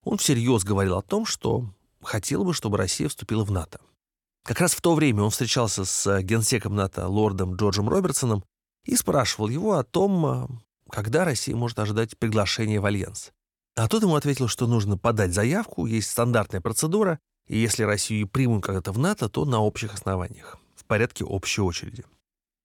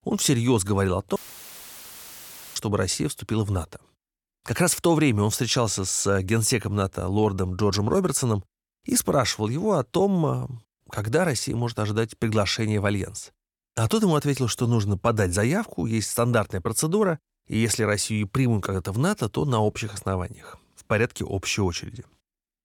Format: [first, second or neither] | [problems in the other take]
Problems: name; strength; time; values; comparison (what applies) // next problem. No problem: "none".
first | audio cutting out; filled with static; at 1 s for 1.5 s